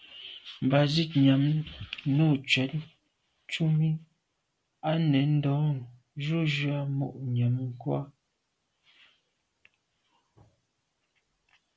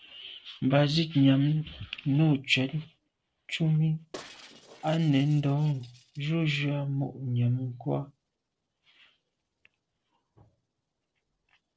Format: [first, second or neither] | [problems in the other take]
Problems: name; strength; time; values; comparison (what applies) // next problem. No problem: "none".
first | noise reduction (neural separator model SepFormer DNS4)